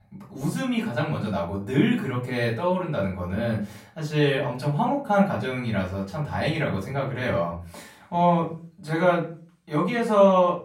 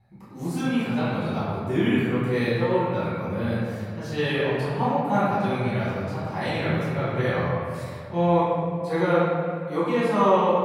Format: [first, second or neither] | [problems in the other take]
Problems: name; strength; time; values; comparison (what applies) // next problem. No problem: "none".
first | room echo; strong; dies away in 2.1 s; slight in the first // off-mic speech; far; far in the first